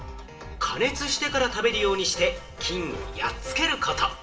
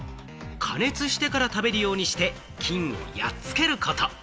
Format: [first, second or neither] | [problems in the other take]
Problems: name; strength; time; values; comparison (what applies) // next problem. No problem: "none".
second | room echo; dies away in 0.4 s